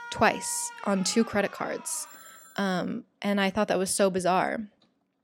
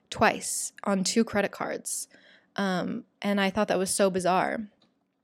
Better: second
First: alarms or sirens; noticeable; until 2.5 s; 15 dB below the speech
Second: none

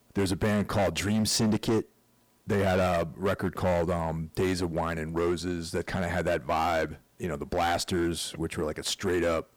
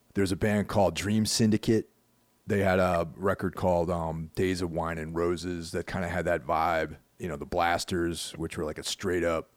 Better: second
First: distortion; slight; 10% of the sound clipped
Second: none

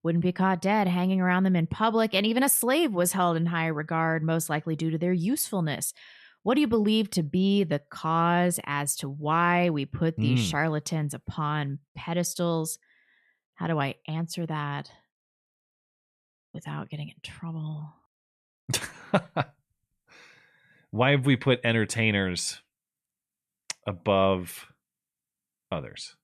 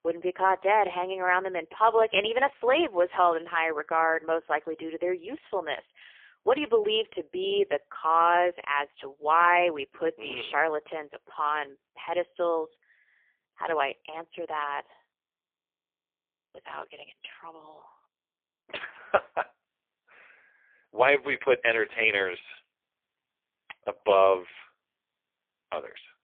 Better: first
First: none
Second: phone-call audio; poor line; nothing above 3.5 kHz

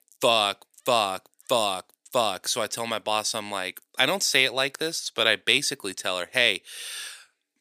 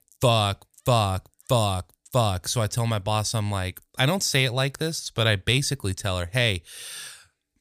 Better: second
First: thin; very; fading below 300 Hz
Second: none

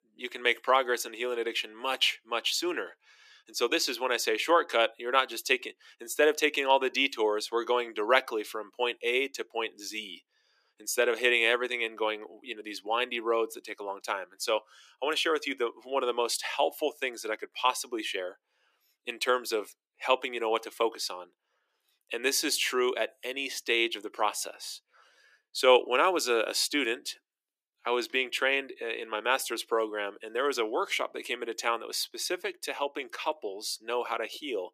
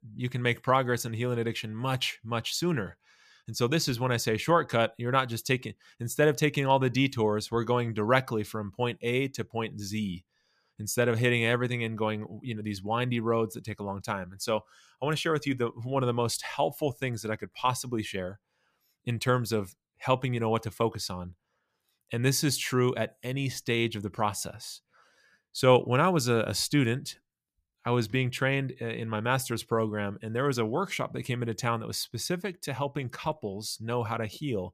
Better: second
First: thin; very; fading below 300 Hz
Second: none

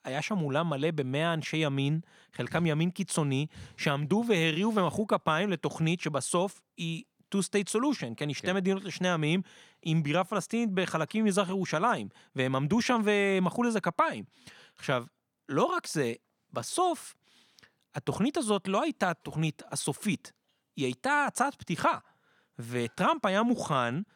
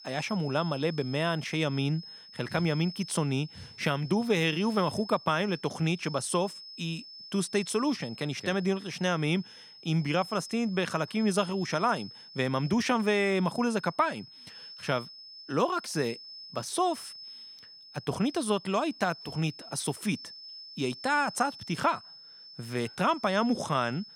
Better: first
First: none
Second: high-pitched whine; noticeable; throughout; 5 kHz, 15 dB below the speech

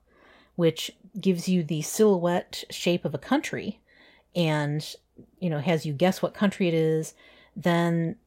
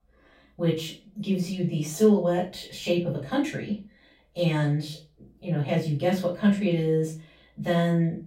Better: first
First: none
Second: off-mic speech; far // room echo; slight; dies away in 0.3 s

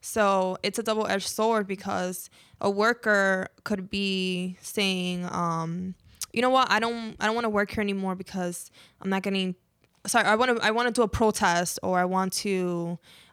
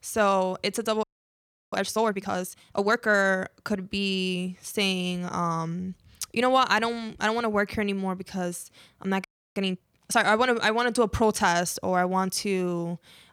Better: first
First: none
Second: audio freezing; at 1 s for 0.5 s and at 9 s

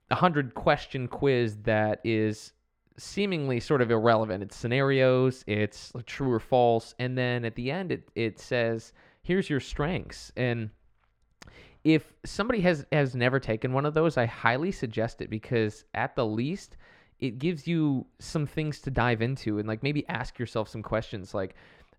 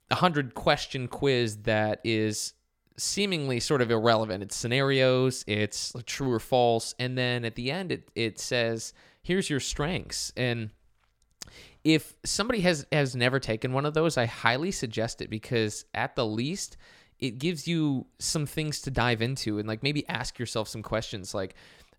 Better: second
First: muffled; slightly; fading above 4 kHz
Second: none

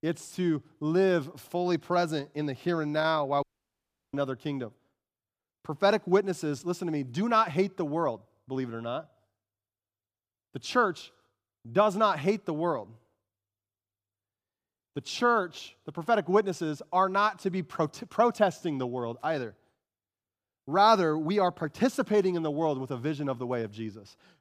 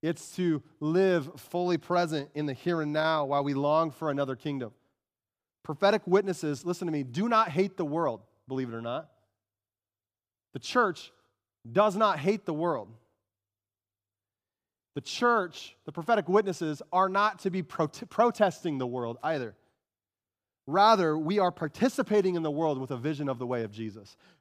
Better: second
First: audio cutting out; at 3.5 s for 0.5 s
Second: none

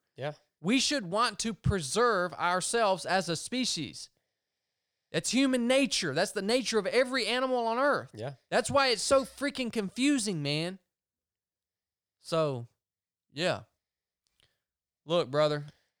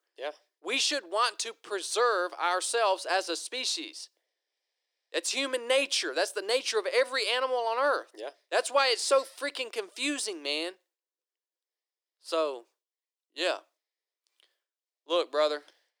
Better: first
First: none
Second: thin; somewhat; fading below 300 Hz

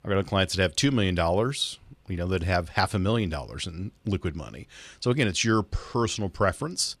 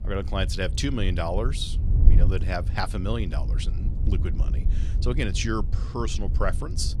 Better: first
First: none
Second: wind noise on the microphone; occasional gusts; 15 dB below the speech

